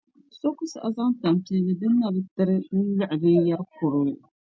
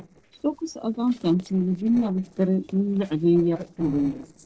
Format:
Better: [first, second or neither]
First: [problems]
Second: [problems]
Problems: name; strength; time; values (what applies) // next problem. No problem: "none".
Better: first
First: none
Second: noise reduction (neural separator model SepFormer DNS4)